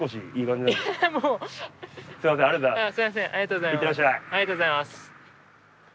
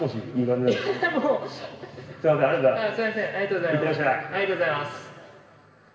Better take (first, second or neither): first